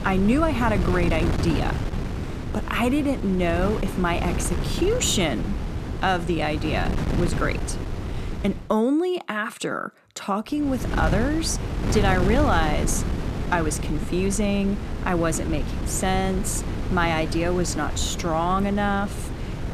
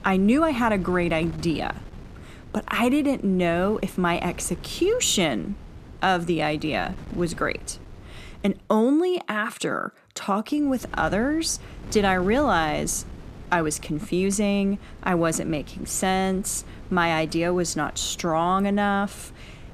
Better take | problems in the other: second | wind noise on the microphone; heavy; until 8.5 s and from 11 s on; 9 dB below the speech; occasional gusts in the second

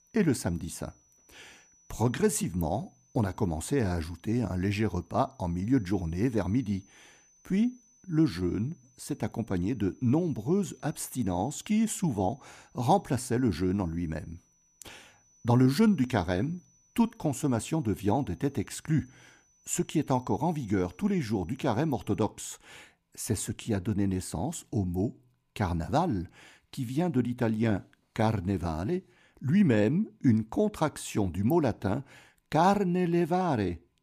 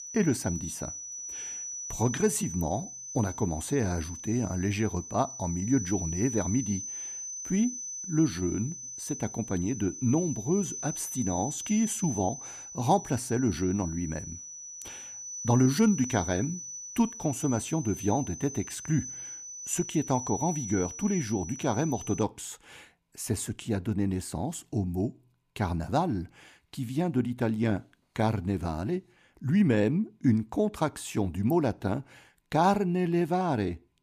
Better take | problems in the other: first | high-pitched whine; loud; until 22 s; 6 kHz, 8 dB below the speech; faint in the first

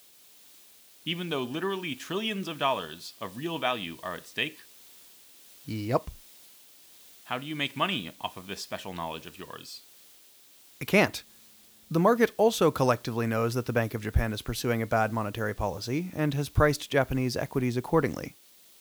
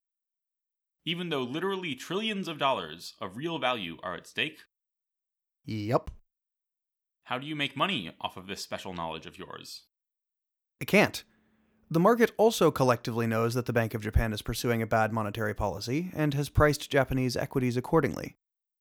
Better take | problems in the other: second | hiss; faint; throughout; 25 dB below the speech

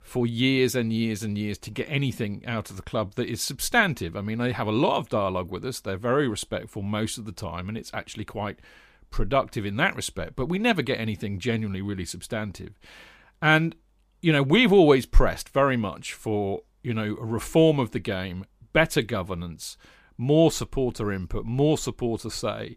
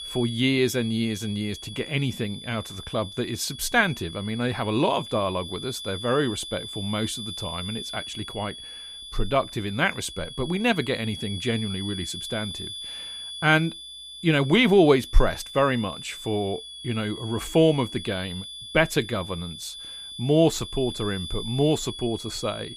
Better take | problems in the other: first | high-pitched whine; noticeable; throughout; 3.5 kHz, 10 dB below the speech

